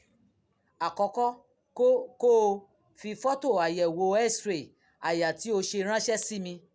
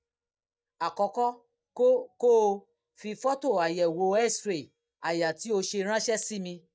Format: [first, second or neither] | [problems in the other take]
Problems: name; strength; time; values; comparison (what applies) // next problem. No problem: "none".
first | noise reduction (neural mask model DeepFilterNet 3)